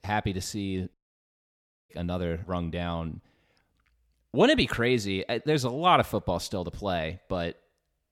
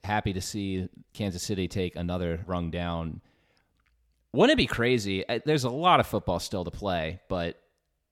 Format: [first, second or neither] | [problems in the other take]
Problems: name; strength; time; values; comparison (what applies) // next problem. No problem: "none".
second | audio cutting out; at 1 s for 1 s